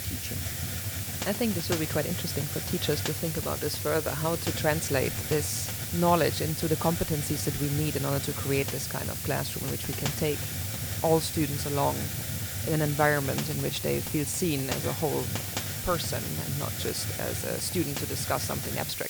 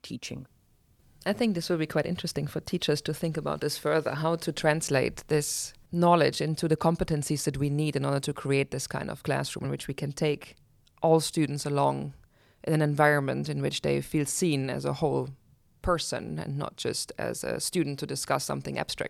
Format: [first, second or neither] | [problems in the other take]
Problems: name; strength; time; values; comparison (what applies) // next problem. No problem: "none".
second | hiss; loud; throughout; 2 dB below the speech